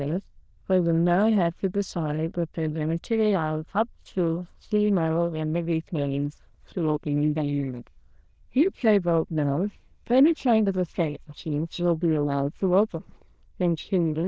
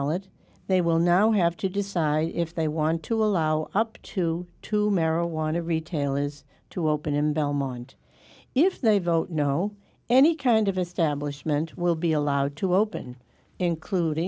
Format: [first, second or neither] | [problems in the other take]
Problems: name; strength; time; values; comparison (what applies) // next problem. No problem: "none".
second | noise reduction (neural diffusion model UNIVERSE++)